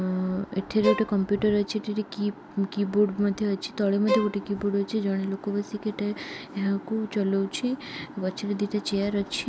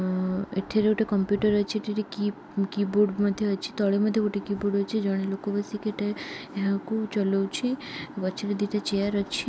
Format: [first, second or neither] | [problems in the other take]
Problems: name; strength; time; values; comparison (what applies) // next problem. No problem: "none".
second | background sound (Bowed string instrument); 6 dB below the speech